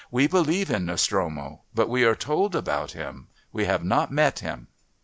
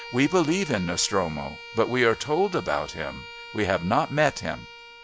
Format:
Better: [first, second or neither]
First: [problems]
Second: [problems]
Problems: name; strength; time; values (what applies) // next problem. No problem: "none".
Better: first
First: none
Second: background sound (Bowed string instrument); 16 dB below the speech